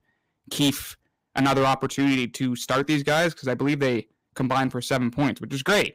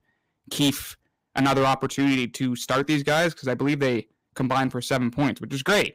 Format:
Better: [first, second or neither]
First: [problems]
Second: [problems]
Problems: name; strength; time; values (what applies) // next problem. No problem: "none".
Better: neither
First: distortion; heavy; 8% of the sound clipped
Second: distortion; heavy; 8% of the sound clipped